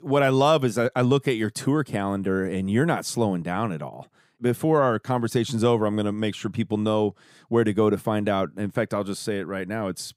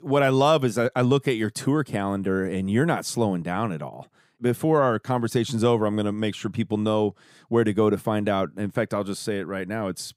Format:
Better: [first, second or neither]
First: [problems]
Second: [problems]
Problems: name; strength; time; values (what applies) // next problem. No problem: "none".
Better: neither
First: none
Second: none